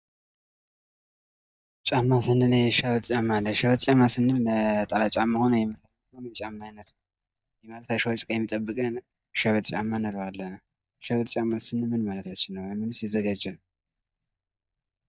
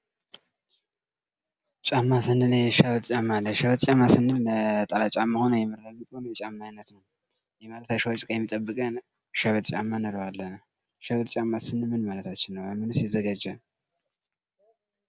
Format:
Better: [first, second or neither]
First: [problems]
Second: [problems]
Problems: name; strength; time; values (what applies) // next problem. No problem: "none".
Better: second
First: noise reduction (neural mask model DeepFilterNet 3)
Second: none